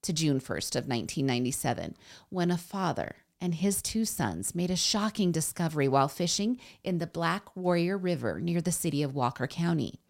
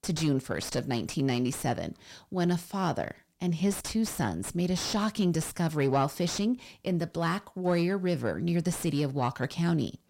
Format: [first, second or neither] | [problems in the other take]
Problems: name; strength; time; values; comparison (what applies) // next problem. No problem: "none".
first | distortion; slight; 10 dB below the speech